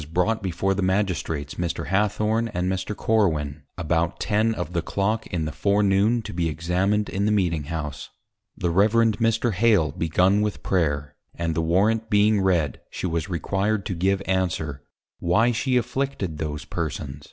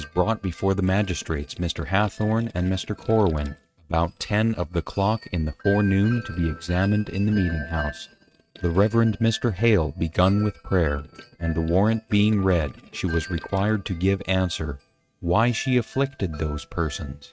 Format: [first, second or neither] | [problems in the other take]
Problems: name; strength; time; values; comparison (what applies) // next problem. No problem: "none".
first | noise reduction (neural mask model RNNoise)